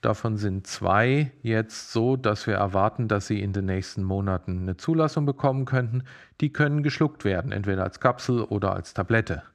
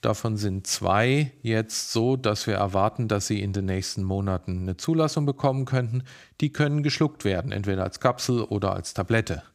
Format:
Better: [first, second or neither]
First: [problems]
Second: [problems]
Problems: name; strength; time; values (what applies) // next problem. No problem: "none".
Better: second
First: muffled; slightly; fading above 2.5 kHz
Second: none